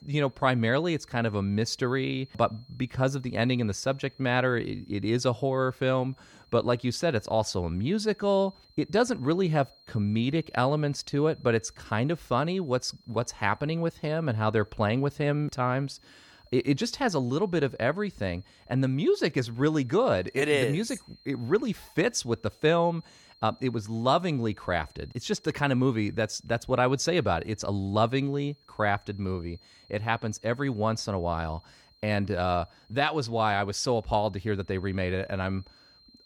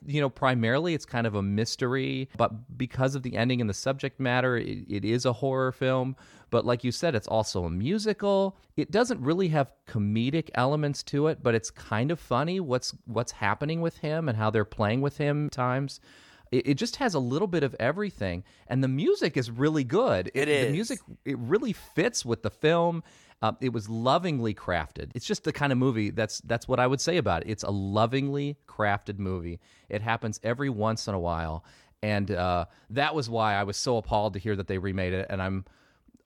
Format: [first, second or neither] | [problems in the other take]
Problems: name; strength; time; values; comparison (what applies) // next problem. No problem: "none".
second | high-pitched whine; faint; throughout; 4 kHz, 30 dB below the speech